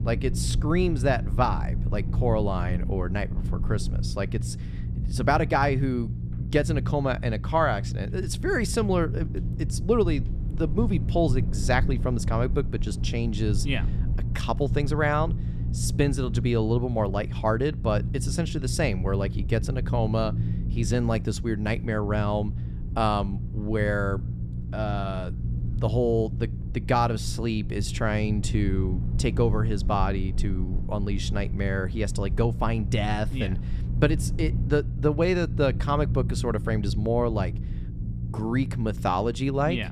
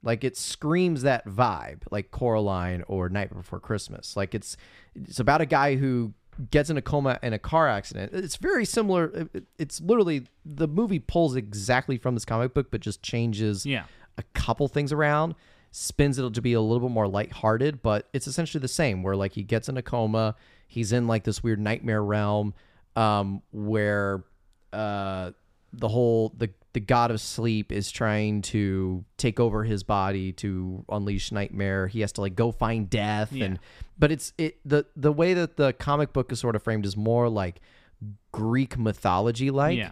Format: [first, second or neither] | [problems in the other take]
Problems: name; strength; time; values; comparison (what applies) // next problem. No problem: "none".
second | low rumble; noticeable; throughout; 15 dB below the speech